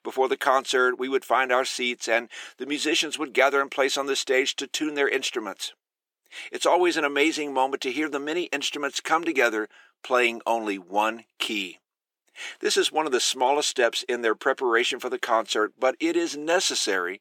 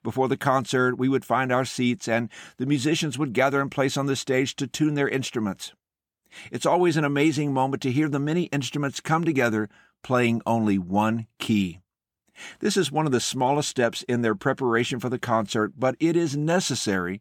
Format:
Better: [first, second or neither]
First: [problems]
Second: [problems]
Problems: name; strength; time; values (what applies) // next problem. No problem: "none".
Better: second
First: thin; somewhat; fading below 400 Hz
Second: none